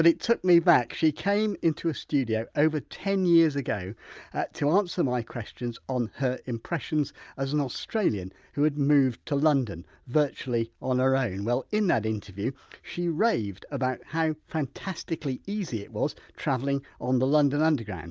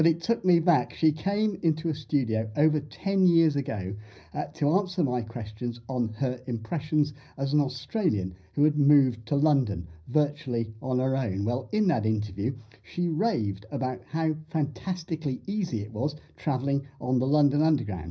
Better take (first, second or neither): first